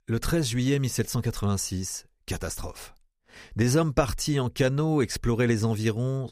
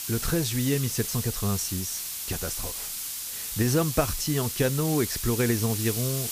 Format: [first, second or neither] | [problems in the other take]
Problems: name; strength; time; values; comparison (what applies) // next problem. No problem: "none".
first | hiss; loud; throughout; 3 dB below the speech